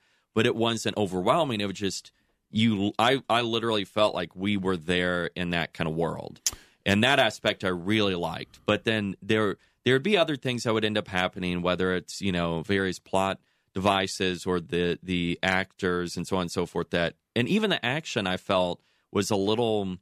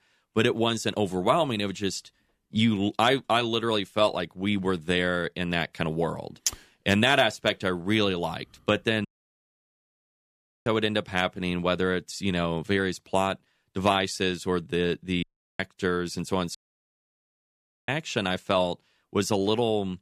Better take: first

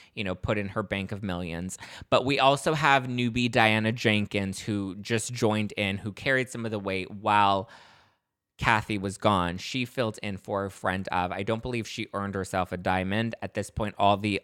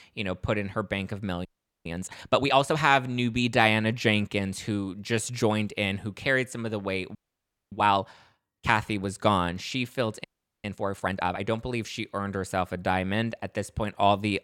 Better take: first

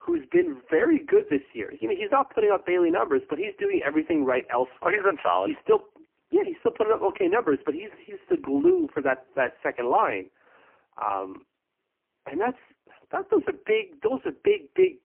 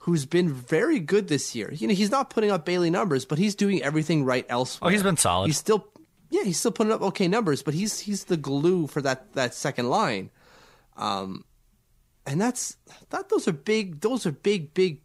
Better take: second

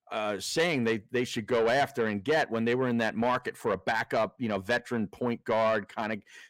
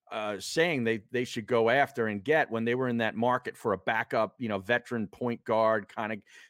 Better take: second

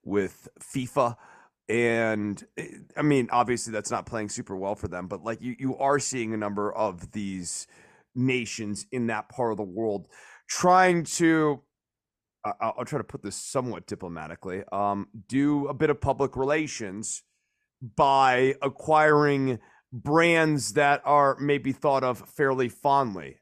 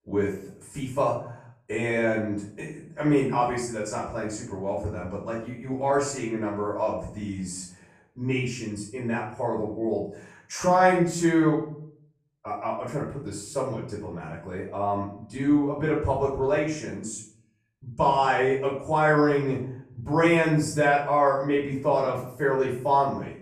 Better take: first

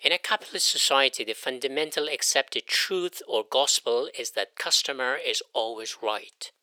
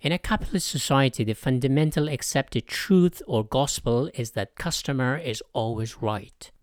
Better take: second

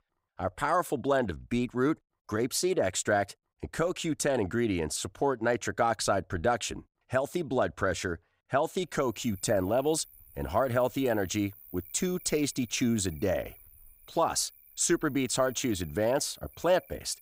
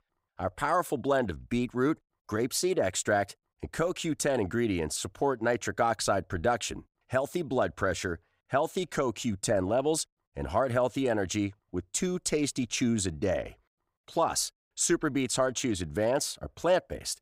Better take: second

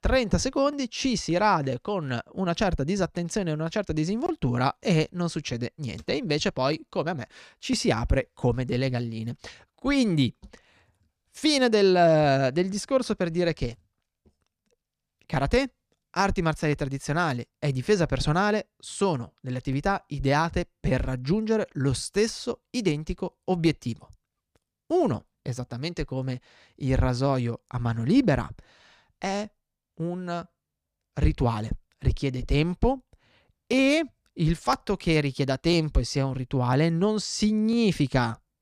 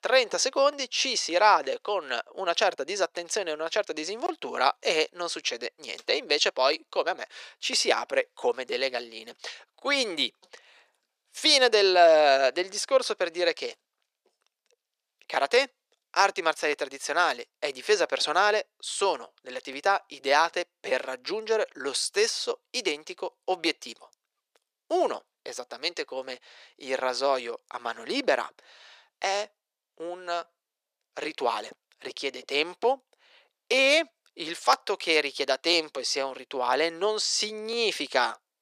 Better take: first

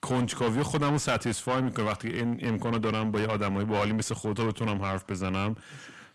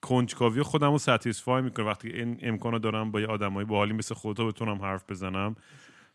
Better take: second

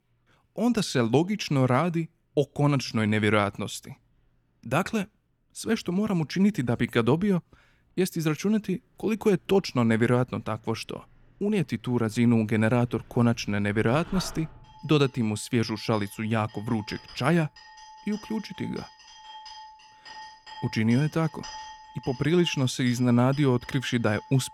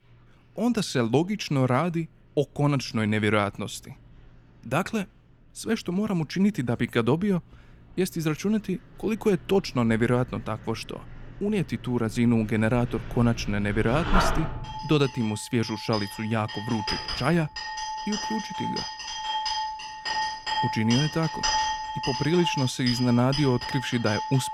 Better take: first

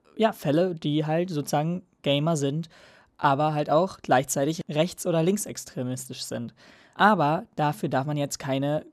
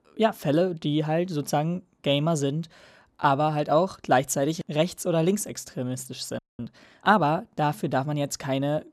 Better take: first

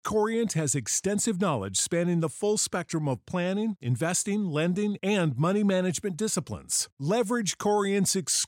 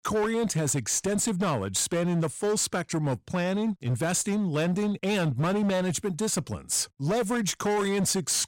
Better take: first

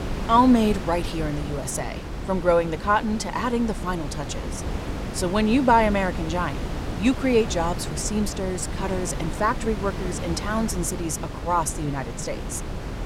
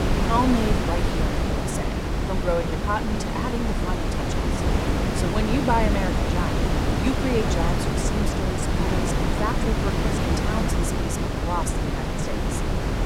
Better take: first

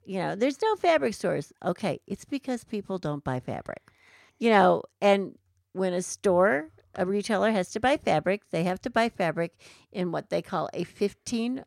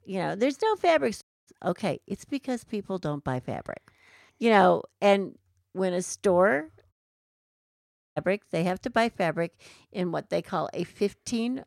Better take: first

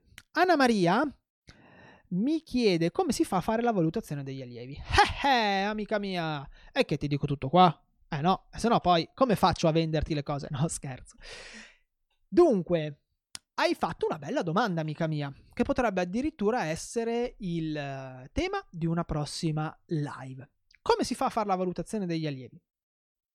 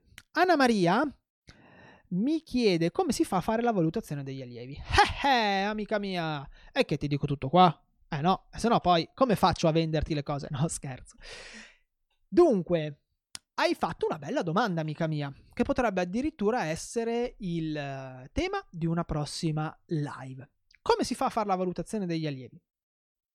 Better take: neither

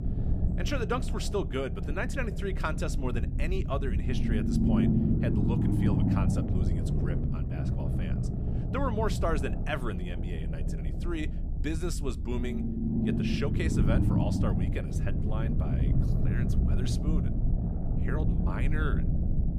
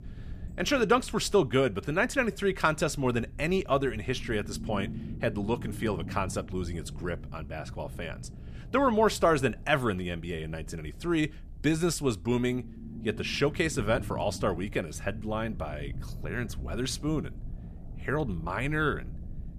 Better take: second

